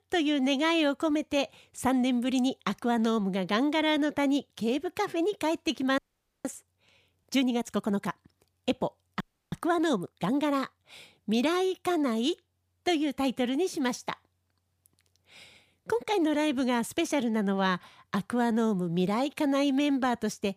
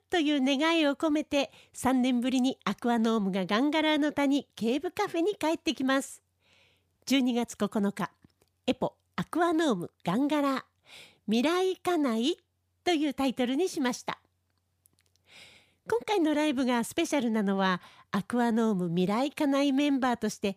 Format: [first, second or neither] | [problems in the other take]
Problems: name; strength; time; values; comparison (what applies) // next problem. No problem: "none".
second | audio freezing; at 6 s and at 9 s